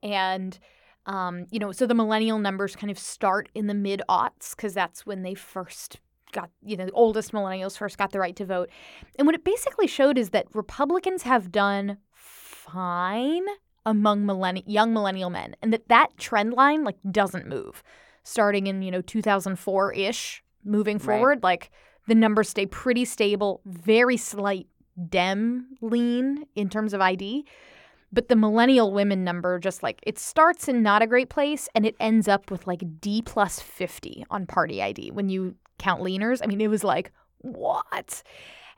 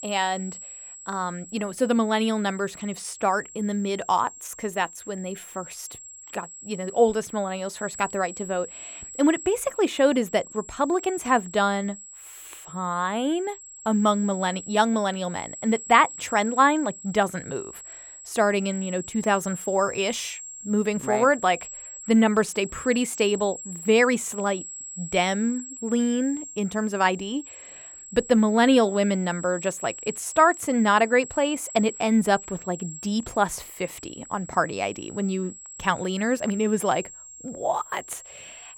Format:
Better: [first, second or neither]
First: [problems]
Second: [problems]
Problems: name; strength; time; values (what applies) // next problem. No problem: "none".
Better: first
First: none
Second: high-pitched whine; noticeable; throughout; 7.5 kHz, 15 dB below the speech